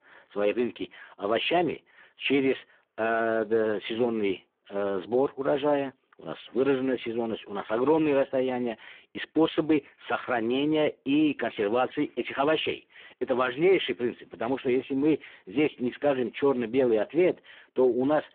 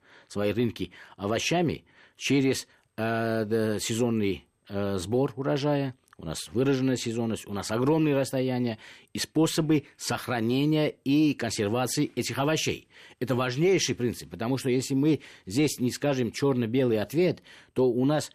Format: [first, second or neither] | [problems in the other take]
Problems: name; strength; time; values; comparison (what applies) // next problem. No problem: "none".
second | phone-call audio; poor line